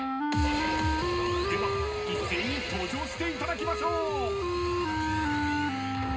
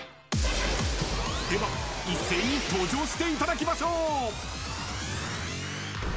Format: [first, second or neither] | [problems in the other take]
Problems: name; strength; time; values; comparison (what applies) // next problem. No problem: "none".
second | background sound (Wind instrument, woodwind instrument); 1 dB above the speech // room echo; dies away in 0.2 s